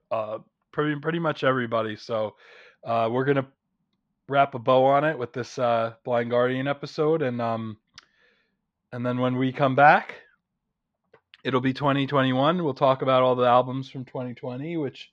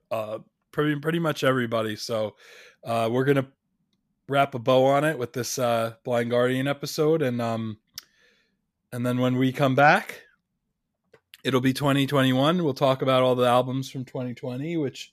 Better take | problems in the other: second | muffled; slightly; fading above 4 kHz

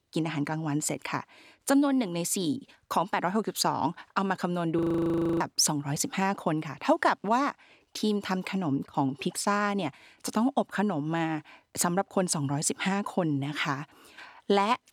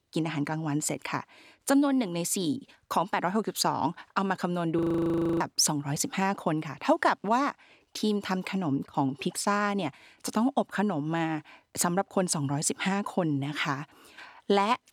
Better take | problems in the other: neither | audio freezing; at 5 s for 0.5 s; the same in both

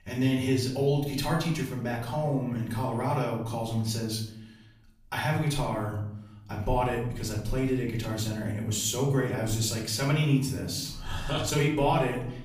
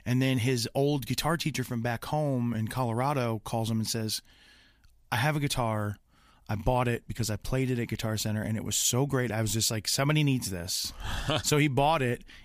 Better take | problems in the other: second | off-mic speech; far // room echo; noticeable; dies away in 0.7 s

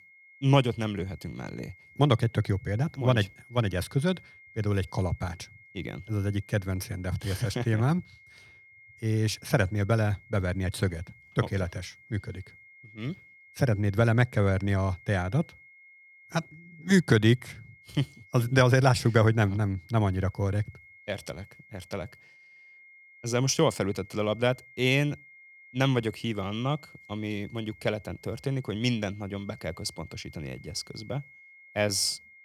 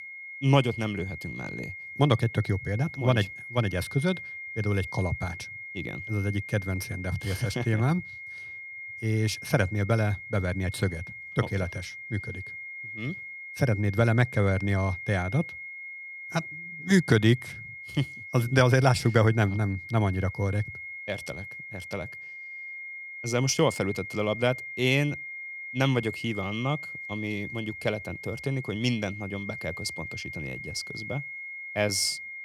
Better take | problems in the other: first | high-pitched whine; loud; throughout; 2 kHz, 10 dB below the speech; faint in the first

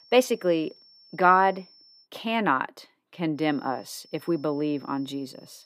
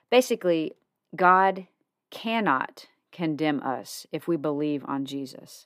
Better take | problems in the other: second | high-pitched whine; faint; until 2 s and from 3.5 s on; 5.5 kHz, 25 dB below the speech

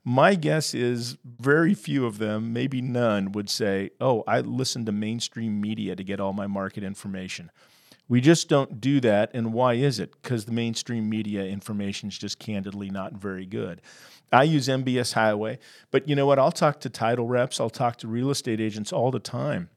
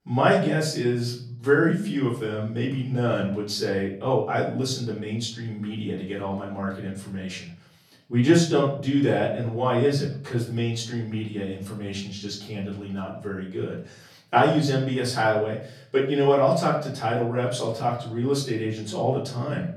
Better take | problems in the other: first | room echo; slight; dies away in 0.5 s // off-mic speech; far

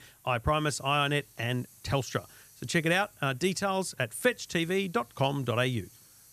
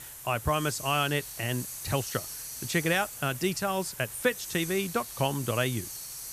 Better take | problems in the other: first | hiss; loud; throughout; 8 dB below the speech; faint in the first

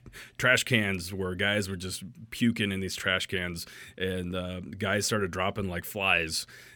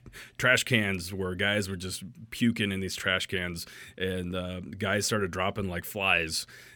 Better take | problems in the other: neither | none

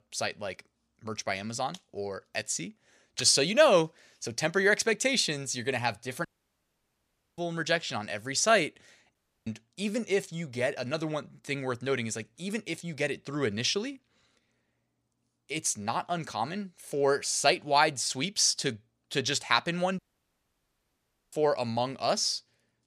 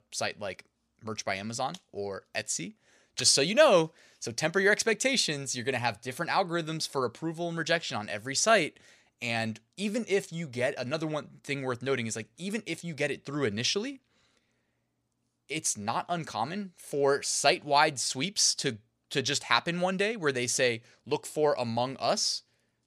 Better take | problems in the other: second | audio cutting out; at 6.5 s for 1 s, at 9 s and at 20 s for 1.5 s

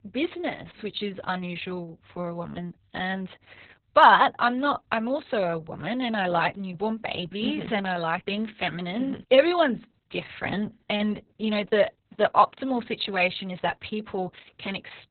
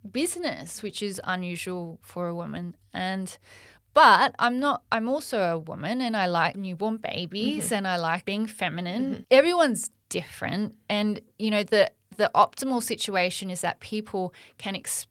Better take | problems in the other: second | garbled, watery; badly; nothing above 4 kHz; slightly in the second

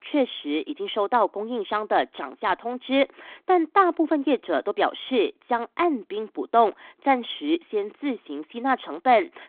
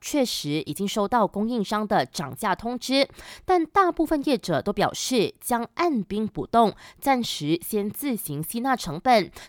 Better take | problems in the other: second | phone-call audio; nothing above 3.5 kHz

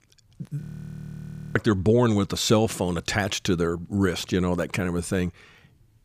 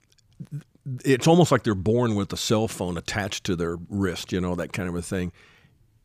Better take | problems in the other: second | audio freezing; at 0.5 s for 1 s

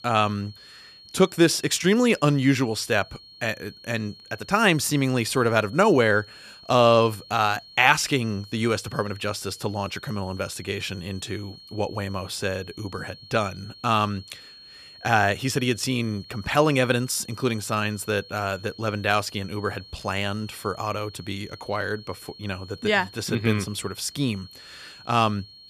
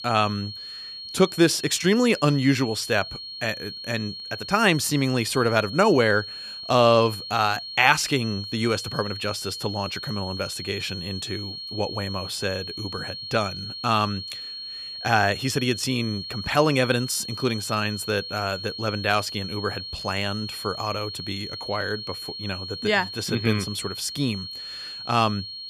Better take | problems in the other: first | high-pitched whine; loud; throughout; 4.5 kHz, 9 dB below the speech; faint in the first

